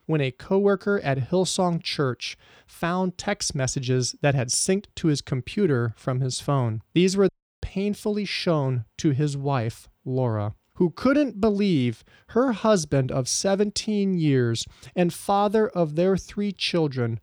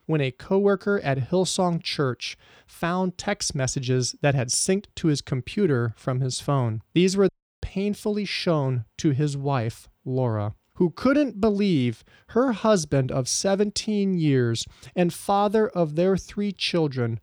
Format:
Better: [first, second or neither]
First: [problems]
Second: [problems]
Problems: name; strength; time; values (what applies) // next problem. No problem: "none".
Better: neither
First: audio cutting out; at 7.5 s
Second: audio cutting out; at 7.5 s